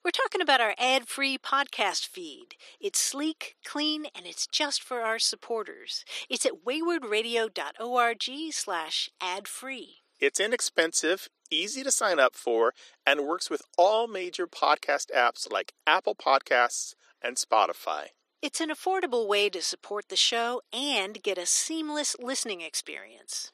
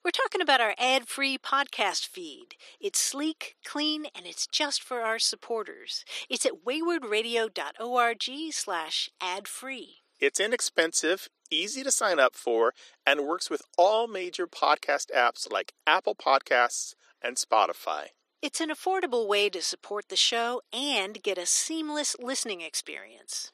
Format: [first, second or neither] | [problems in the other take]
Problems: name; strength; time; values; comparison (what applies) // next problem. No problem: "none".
neither | thin; somewhat; fading below 300 Hz; the same in both